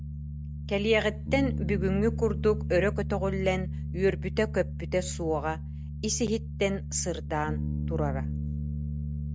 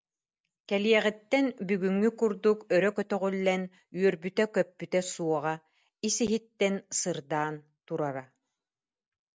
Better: second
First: background sound (Bass guitar); 3 dB below the speech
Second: none

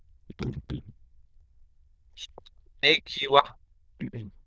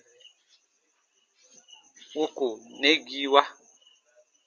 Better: second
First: noise reduction (neural diffusion model UNIVERSE++)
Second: none

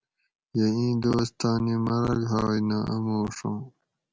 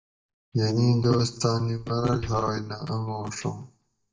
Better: first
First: none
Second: noise reduction (neural mask model DeepFilterNet 3)

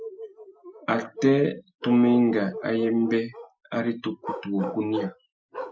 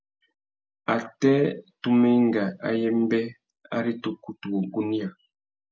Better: second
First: noise reduction (classical method Wiener filter)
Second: none

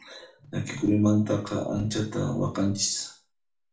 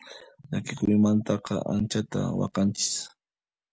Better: second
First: room echo; dies away in 0.3 s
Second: none

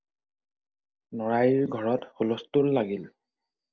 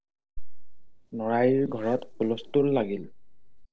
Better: first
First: none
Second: noise reduction (neural separator model SepFormer DNS4)

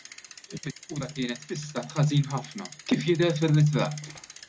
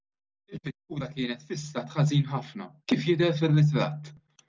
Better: second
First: background sound (Bicycle); 18 dB below the speech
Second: none

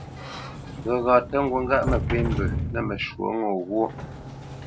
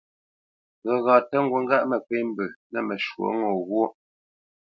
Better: second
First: background sound (Sliding door); 5 dB below the speech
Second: none

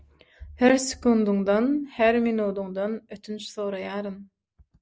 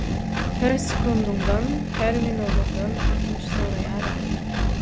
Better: first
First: none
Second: background sound (Engine); 5 dB above the speech

